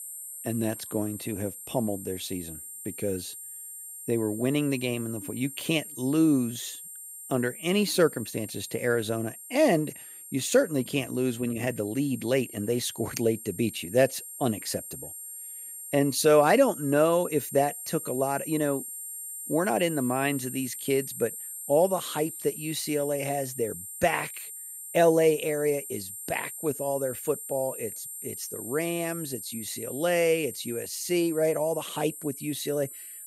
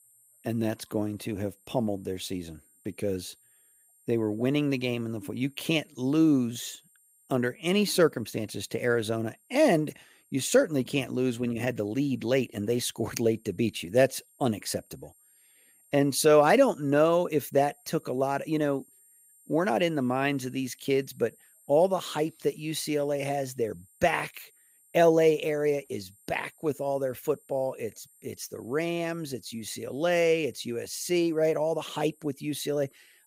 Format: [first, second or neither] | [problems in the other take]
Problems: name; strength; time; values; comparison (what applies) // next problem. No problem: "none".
second | high-pitched whine; loud; throughout; 9 kHz, 10 dB below the speech; faint in the second